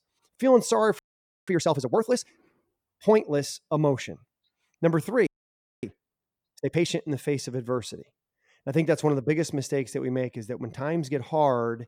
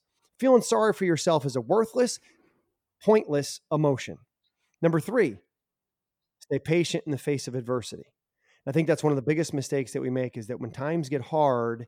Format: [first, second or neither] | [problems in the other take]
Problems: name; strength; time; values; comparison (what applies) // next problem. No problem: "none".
second | audio freezing; at 1 s and at 5.5 s for 0.5 s